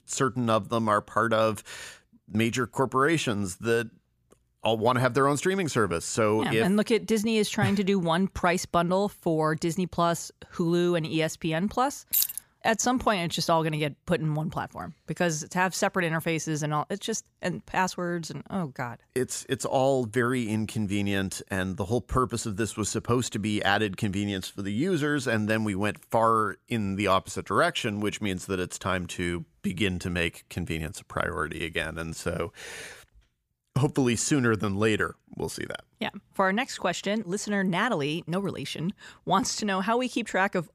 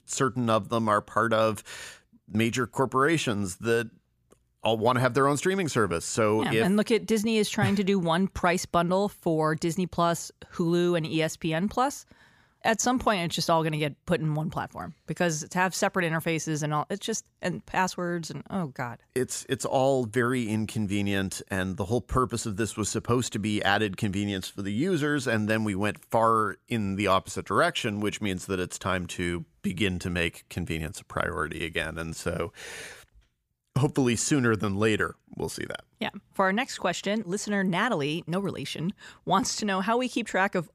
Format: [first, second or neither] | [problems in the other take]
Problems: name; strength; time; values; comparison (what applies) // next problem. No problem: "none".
second | jangling keys; loud; at 12 s; peak 3 dB above the speech